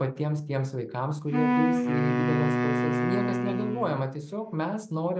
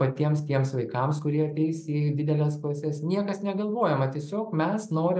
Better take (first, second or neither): second